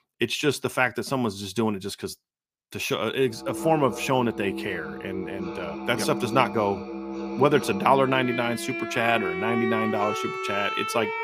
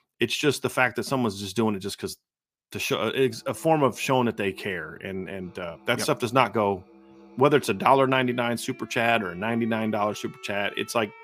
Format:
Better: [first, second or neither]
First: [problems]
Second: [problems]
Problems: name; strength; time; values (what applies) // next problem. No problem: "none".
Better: second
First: background music; loud; from 3 s on; 6 dB below the speech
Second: background music; faint; from 3 s on; 25 dB below the speech